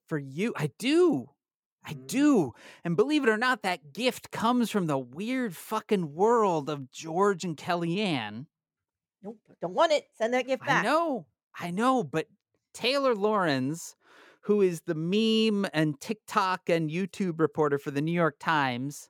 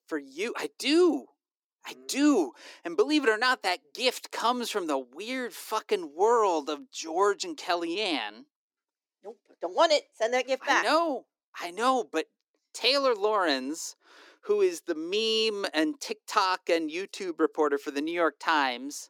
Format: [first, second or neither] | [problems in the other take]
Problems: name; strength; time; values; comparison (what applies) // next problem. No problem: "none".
first | thin; very slightly; fading below 300 Hz